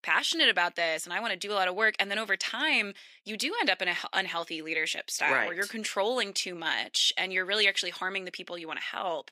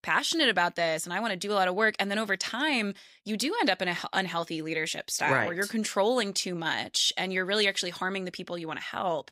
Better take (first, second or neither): second